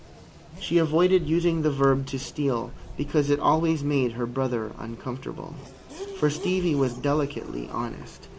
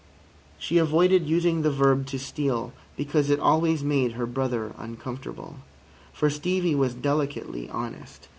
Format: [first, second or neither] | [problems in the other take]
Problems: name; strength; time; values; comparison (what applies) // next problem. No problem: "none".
second | background sound (Race car, auto racing / Accelerating, revving, vroom); 16 dB below the speech